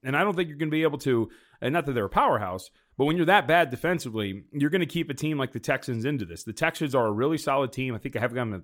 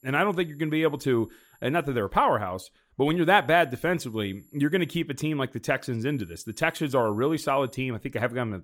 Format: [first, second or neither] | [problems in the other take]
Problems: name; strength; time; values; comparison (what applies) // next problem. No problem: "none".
first | high-pitched whine; faint; until 2 s, from 3 to 5 s and from 6 to 7.5 s; 11.5 kHz, 35 dB below the speech